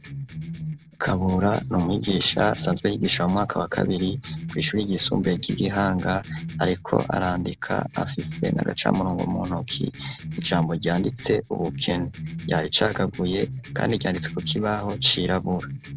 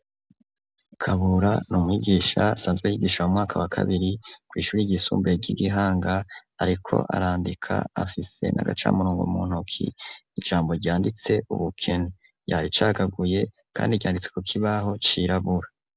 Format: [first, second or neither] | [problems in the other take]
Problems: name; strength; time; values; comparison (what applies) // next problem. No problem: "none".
second | noise reduction (neural separator model SepFormer DNS4)